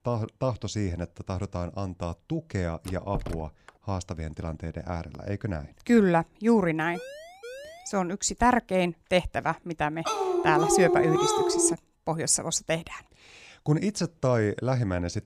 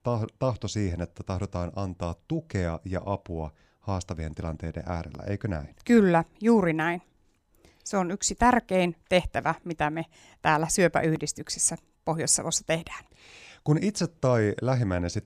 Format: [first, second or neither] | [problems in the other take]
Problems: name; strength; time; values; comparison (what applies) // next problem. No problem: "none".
second | door banging; noticeable; at 3 s; peak 10 dB below the speech // siren; faint; at 7 s; peak 15 dB below the speech // dog barking; loud; from 10 to 12 s; peak 4 dB above the speech